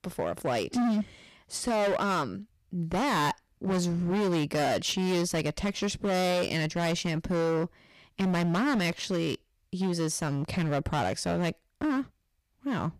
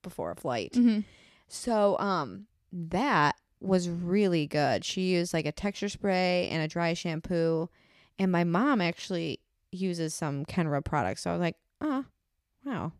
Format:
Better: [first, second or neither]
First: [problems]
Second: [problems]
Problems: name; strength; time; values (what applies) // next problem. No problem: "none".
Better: second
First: distortion; heavy; 19% of the sound clipped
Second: none